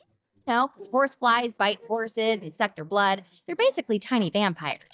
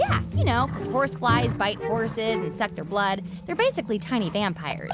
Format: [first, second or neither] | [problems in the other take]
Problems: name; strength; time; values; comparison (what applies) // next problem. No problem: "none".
second | noise reduction (neural mask model DeepFilterNet 3)